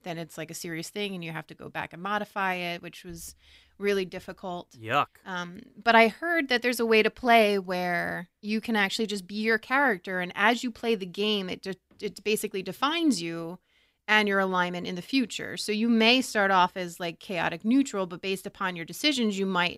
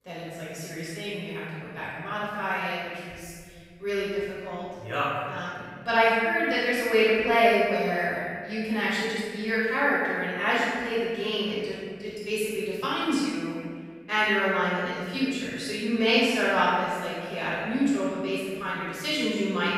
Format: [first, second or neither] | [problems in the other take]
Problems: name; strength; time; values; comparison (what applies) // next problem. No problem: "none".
first | room echo; strong; dies away in 1.9 s // off-mic speech; far